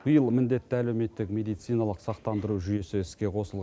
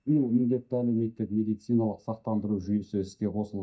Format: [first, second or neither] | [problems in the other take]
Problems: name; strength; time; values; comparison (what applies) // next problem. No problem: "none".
first | noise reduction (neural mask model DeepFilterNet 3)